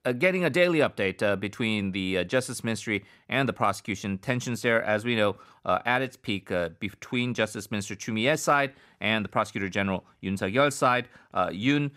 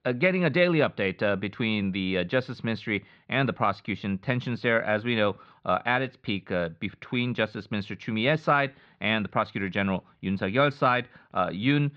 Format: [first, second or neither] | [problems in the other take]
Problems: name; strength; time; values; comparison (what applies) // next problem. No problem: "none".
first | muffled; slightly; fading above 4 kHz